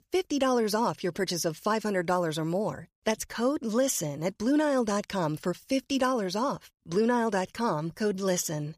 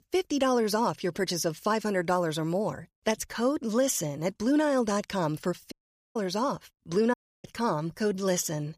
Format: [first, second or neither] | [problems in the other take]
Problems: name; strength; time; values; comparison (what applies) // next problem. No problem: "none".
first | audio cutting out; at 5.5 s and at 7 s